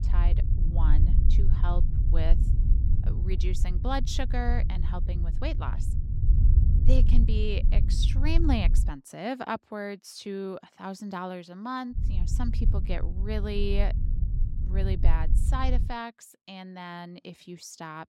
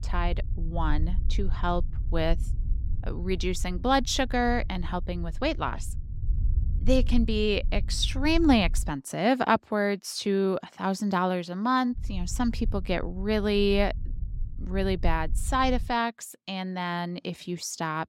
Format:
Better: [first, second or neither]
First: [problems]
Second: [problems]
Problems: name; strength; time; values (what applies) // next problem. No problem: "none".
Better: second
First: low rumble; loud; until 9 s and from 12 to 16 s; 9 dB below the speech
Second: low rumble; faint; until 9 s and from 12 to 16 s; 25 dB below the speech